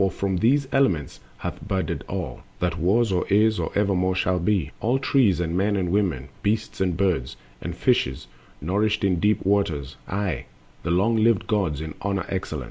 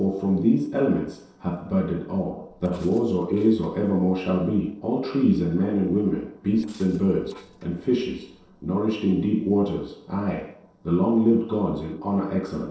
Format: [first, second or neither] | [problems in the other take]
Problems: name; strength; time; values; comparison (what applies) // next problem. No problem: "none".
first | noise reduction (neural separator model SepFormer DNS4)